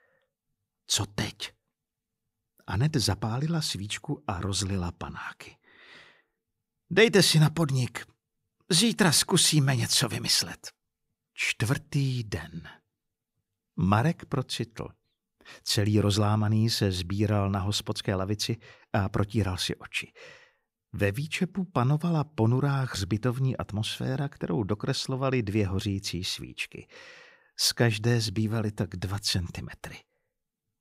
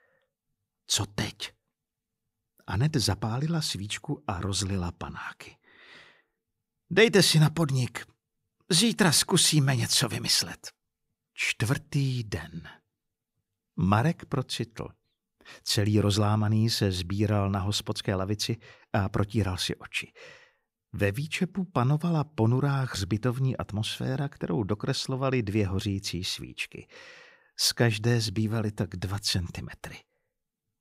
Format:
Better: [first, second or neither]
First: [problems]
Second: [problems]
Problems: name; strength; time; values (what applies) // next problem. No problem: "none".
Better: neither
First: none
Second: none